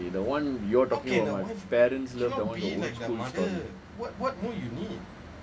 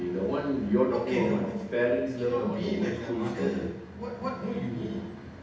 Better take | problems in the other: first | room echo; dies away in 0.8 s

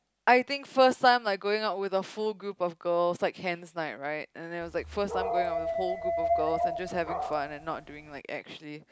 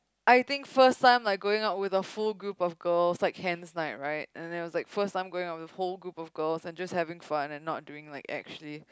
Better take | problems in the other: second | background sound (Dog); 2 dB below the speech

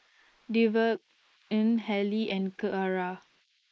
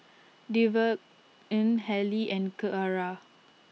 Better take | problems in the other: second | noise reduction (neural mask model Resemble Enhance denoiser)

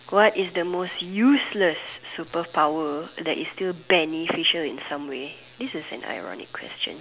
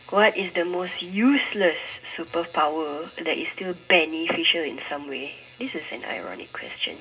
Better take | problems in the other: first | room echo; dies away in 0.2 s

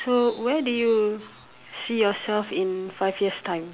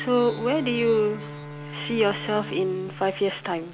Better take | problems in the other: first | background sound (Bowed string instrument); 13 dB below the speech

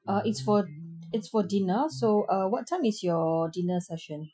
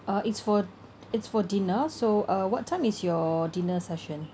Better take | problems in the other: second | noise reduction (classical method Wiener filter)

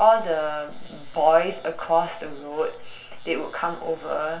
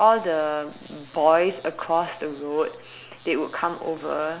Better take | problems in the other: second | room echo; dies away in 0.2 s

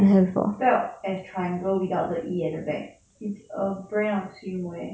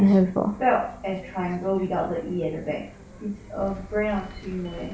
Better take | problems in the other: first | background sound (Bus); 17 dB below the speech

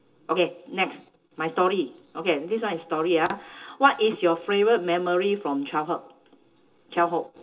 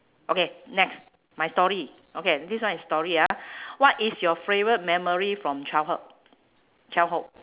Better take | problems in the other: second | room echo; dies away in 0.2 s

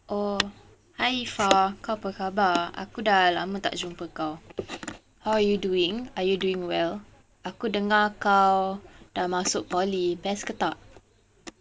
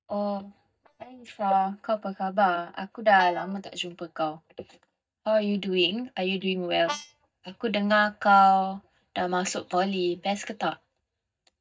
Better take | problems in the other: first | noise reduction (neural mask model DeepFilterNet 3)

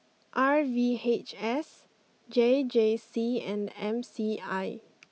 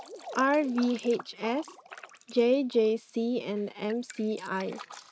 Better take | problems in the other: first | noise reduction (neural mask model RNNoise)

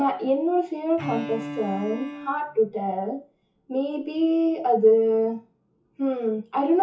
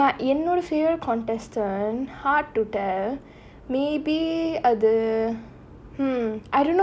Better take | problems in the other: second | noise reduction (classical method WPE with log-MMSE)

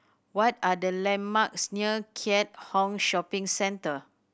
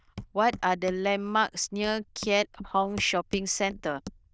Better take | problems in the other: first | noise reduction (neural diffusion model UNIVERSE++)

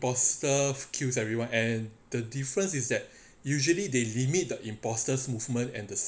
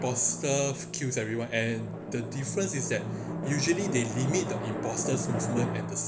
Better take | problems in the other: first | background sound (Drum); 4 dB below the speech

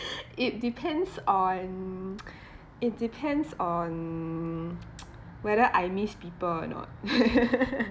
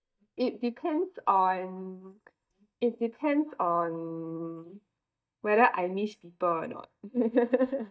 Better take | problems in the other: first | noise reduction (neural mask model DeepFilterNet 3)

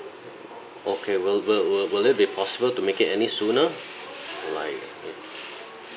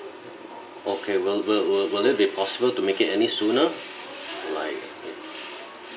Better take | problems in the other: first | room echo; dies away in 0.2 s

